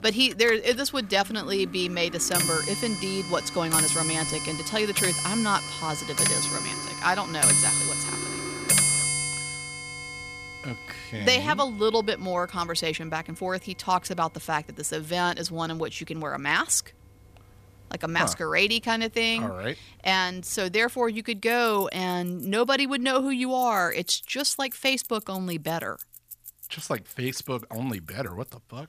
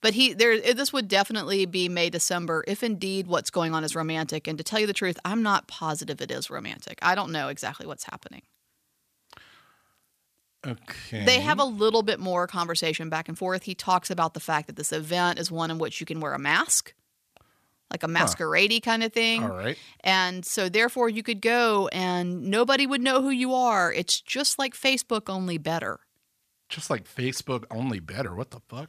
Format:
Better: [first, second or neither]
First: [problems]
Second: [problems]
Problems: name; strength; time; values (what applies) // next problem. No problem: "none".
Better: second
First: household noises; very loud; throughout; 1 dB above the speech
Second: none